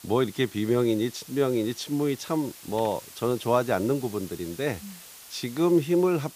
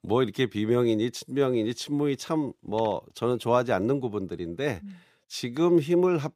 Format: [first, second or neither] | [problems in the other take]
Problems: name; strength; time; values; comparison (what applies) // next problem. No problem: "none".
second | hiss; noticeable; throughout; 15 dB below the speech